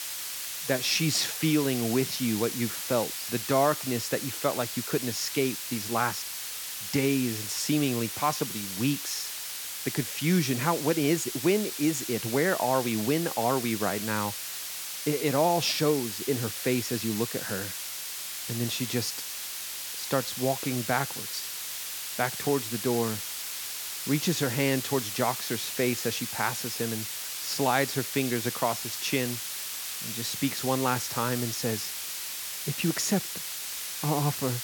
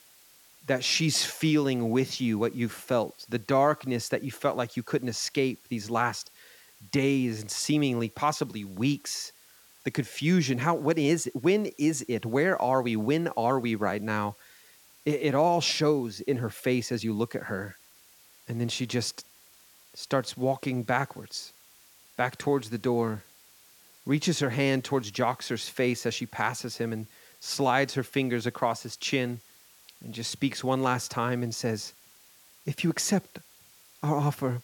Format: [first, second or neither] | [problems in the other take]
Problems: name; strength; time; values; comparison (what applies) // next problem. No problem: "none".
second | hiss; loud; throughout; 4 dB below the speech; faint in the second